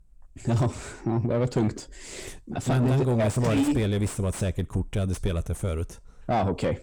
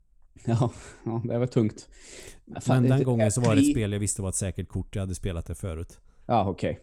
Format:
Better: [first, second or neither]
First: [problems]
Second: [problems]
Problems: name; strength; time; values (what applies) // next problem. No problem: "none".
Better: second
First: distortion; heavy; 6 dB below the speech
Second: none